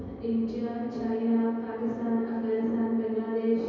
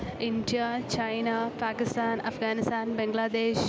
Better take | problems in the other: second | room echo; dies away in 2.2 s

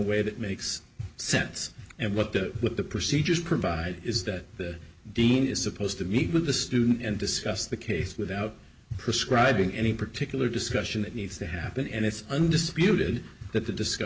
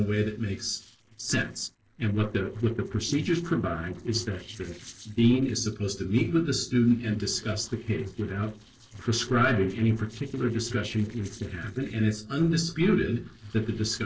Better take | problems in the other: first | noise reduction (neural separator model SepFormer DNS4)

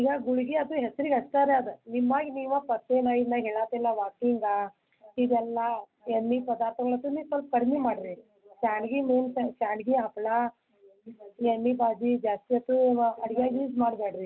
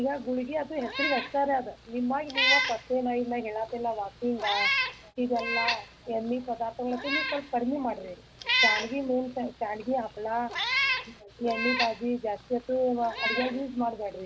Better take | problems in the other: first | background sound (Meow); 2 dB below the speech

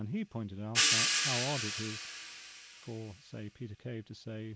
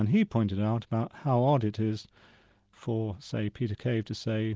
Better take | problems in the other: second | background sound (Hi-hat); 5 dB above the speech

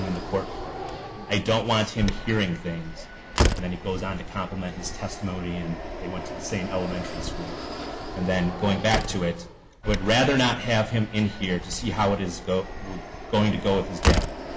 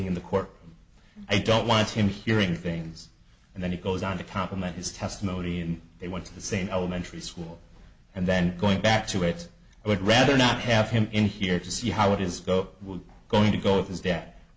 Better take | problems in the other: second | background sound (Fixed-wing aircraft, airplane + Slam); 4 dB below the speech

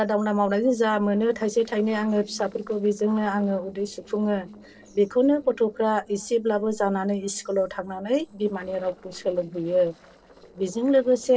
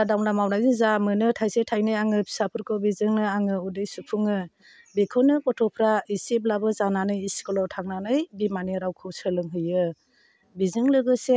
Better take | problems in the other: second | noise reduction (neural separator model SepFormer DNS4)

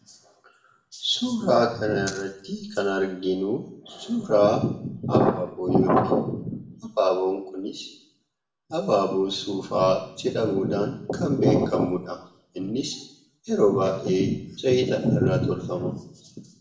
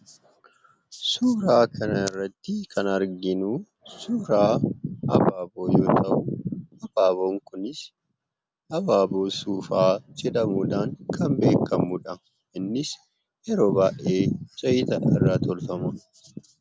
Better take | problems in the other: second | room echo; dies away in 0.6 s

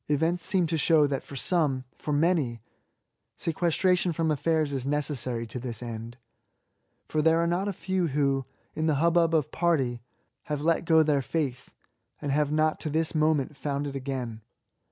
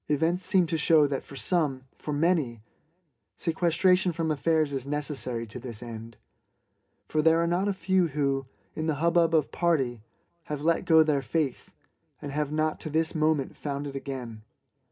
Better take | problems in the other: first | room echo; dies away in 0.3 s

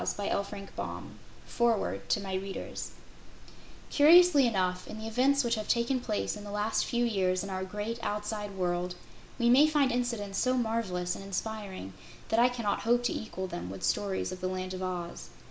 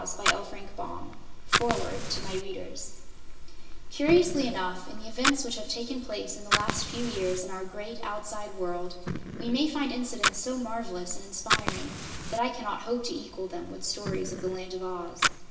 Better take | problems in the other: first | background sound (Fire); 4 dB below the speech // room echo; dies away in 1.2 s

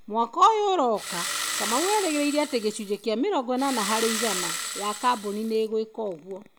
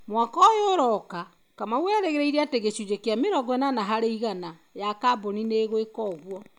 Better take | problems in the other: second | background sound (Engine starting); 6 dB below the speech

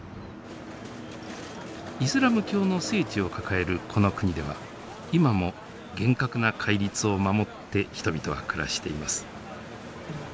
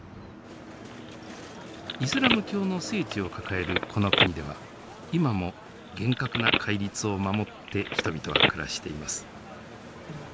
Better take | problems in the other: first | background sound (Telephone); 1 dB below the speech

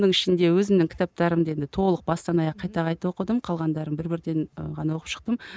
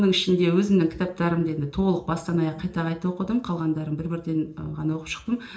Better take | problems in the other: first | room echo; dies away in 0.5 s

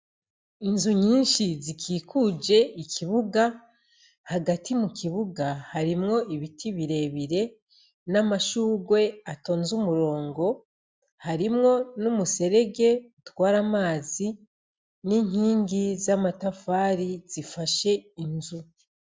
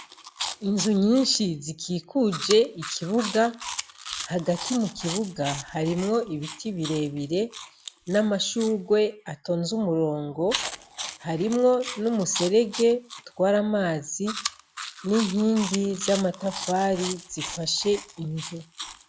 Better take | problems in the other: first | background sound (Chewing, mastication); 12 dB below the speech

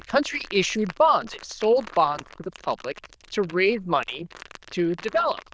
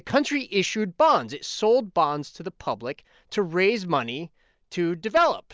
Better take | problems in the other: second | noise reduction (neural diffusion model UNIVERSE++)

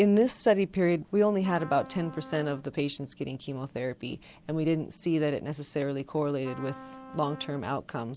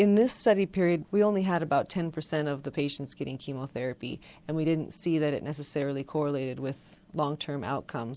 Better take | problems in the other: second | background sound (Trumpet); 18 dB below the speech

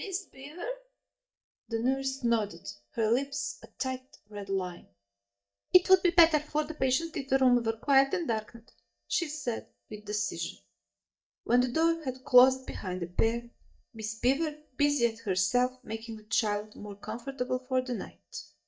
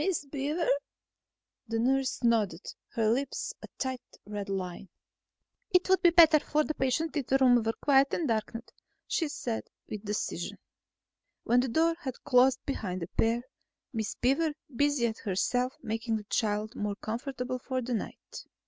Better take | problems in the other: second | noise reduction (neural mask model DeepFilterNet 3)

